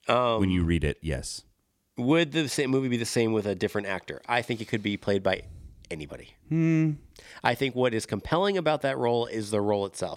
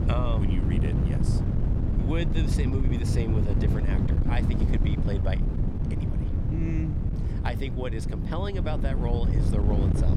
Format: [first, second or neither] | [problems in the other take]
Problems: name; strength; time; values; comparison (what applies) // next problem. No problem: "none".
first | wind noise on the microphone; heavy; 1 dB below the speech